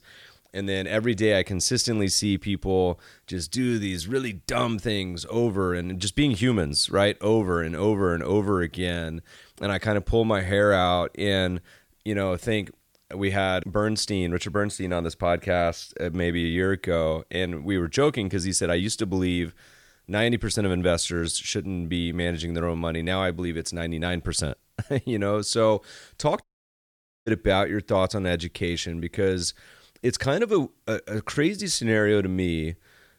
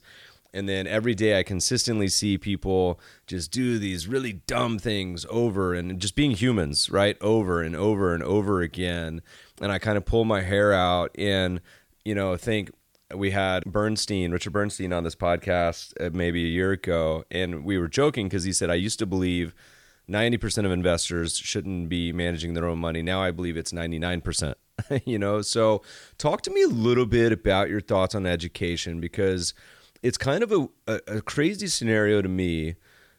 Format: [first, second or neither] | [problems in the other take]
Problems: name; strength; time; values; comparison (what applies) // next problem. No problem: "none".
second | audio cutting out; at 26 s for 1 s